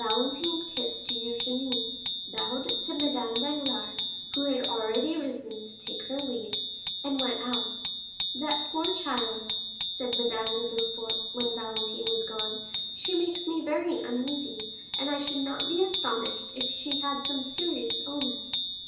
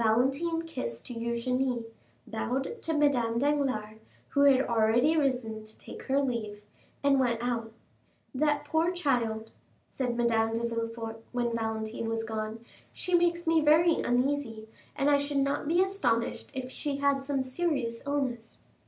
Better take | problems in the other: second | background sound (Bicycle bell); as loud as the speech // room echo; dies away in 0.9 s

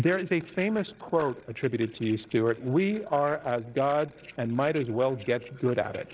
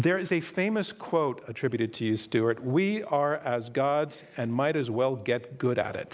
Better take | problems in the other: second | noise reduction (neural separator model SepFormer DNS4)

